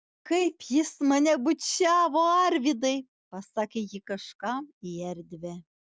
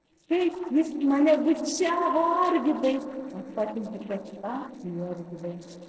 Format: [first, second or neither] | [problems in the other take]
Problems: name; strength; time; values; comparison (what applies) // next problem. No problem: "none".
first | noise reduction (neural separator model SepFormer DNS4)